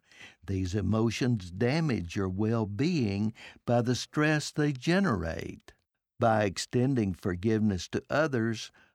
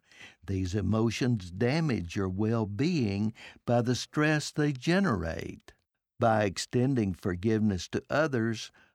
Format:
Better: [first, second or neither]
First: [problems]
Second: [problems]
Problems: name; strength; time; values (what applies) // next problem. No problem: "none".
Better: neither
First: none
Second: none